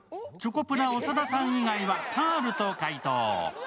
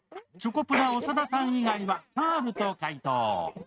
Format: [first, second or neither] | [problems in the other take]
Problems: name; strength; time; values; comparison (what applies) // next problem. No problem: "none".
first | noise reduction (neural mask model RNNoise)